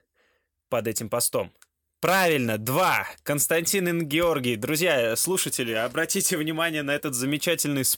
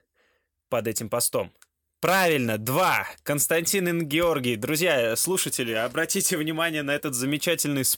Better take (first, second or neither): neither